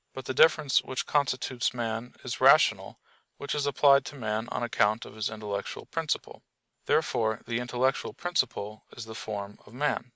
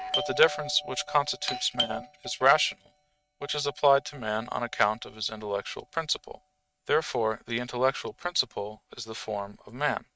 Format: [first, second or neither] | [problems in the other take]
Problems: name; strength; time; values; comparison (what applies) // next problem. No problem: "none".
first | noise reduction (neural mask model RNNoise)